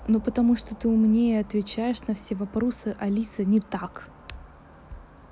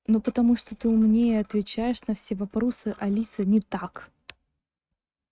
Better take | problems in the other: first | noise reduction (neural mask model RNNoise)

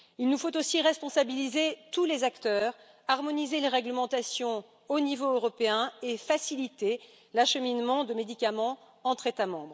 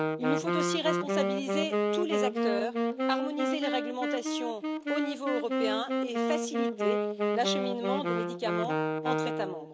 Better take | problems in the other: first | background sound (Wind instrument, woodwind instrument); 4 dB above the speech

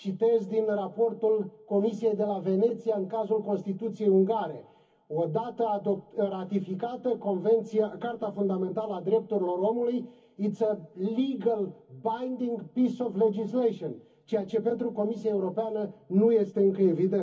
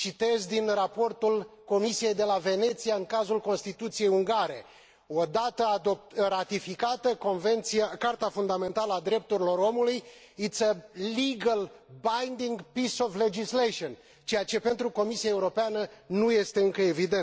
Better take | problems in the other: second | room echo; dies away in 0.3 s

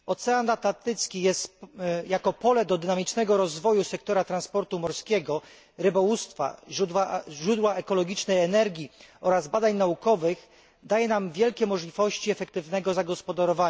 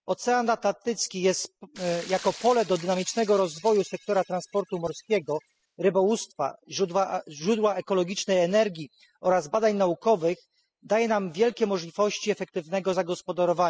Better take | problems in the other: first | noise reduction (classical method spectral subtraction)

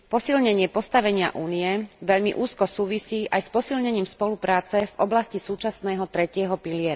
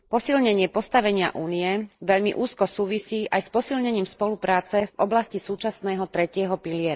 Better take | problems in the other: first | noise reduction (neural mask model Resemble Enhance denoiser)

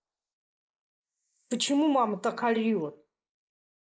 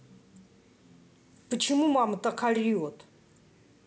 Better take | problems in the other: second | noise reduction (neural mask model Resemble Enhance denoiser)

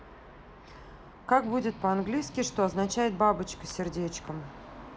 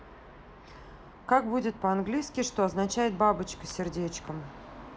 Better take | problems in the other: second | background sound (Strum); 18 dB below the speech

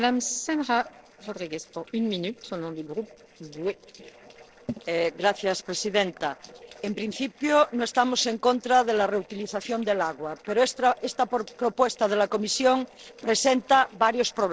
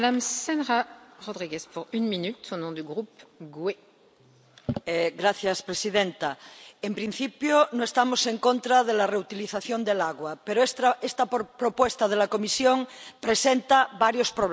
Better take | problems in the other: second | noise reduction (neural separator model SepFormer DNS4)

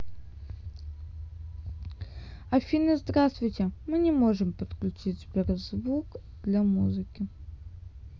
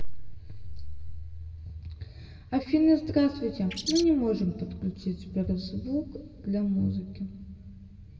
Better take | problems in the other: first | background sound (Bird); 5 dB below the speech // room echo; dies away in 2.7 s

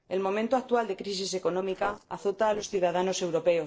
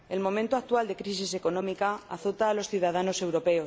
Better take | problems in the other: second | noise reduction (neural separator model SepFormer DNS4)

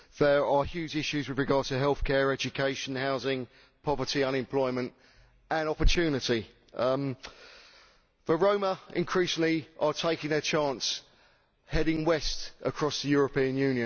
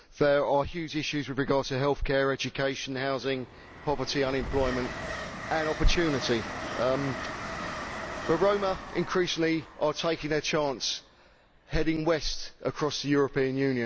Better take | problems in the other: first | background sound (Train); 11 dB below the speech

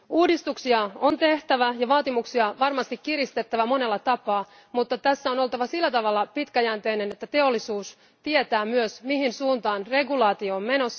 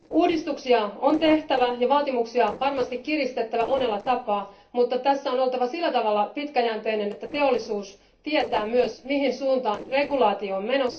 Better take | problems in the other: first | noise reduction (neural separator model SepFormer DNS4)

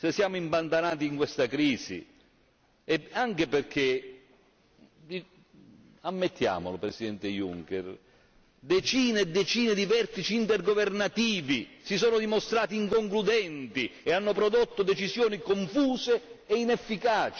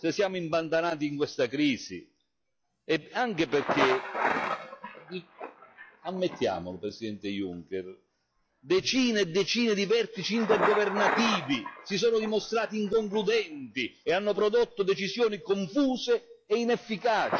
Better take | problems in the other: first | noise reduction (classical method log-MMSE)

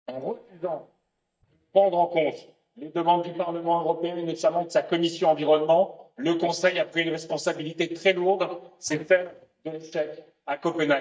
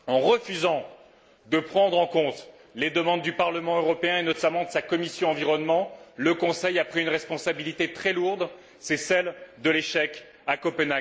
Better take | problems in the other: second | noise reduction (neural mask model DeepFilterNet 3)

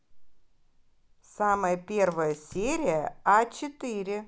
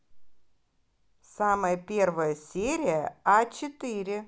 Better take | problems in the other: second | background sound (Fire); 19 dB below the speech

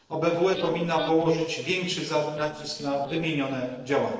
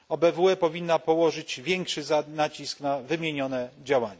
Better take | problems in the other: second | noise reduction (neural separator model SepFormer DNS4)

